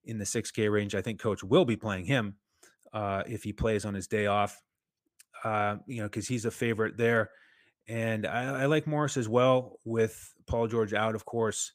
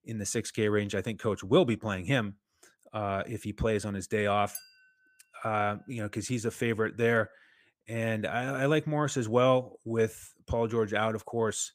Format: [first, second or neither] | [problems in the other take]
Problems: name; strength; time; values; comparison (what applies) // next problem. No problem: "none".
first | clattering dishes; faint; at 4.5 s; peak 15 dB below the speech